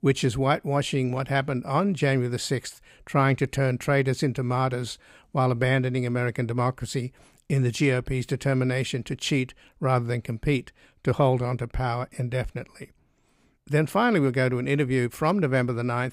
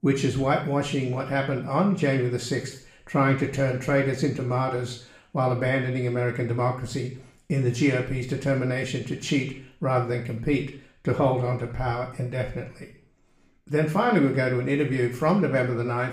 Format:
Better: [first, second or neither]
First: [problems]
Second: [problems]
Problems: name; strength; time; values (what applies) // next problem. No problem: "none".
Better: first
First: none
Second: room echo; slight; dies away in 0.5 s // off-mic speech; far